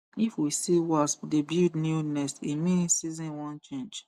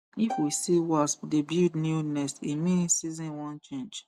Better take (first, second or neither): first